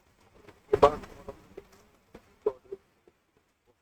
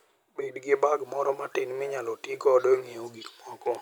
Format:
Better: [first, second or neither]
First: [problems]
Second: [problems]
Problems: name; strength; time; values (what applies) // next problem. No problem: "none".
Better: second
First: noise reduction (neural mask model RNNoise)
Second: none